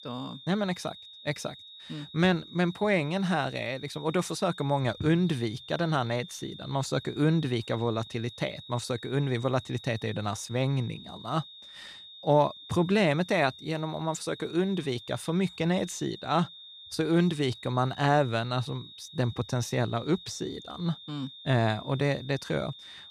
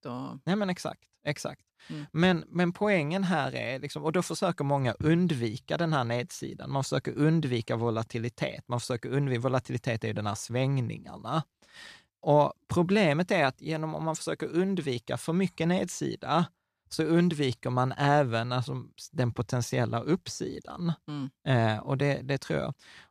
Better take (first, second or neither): second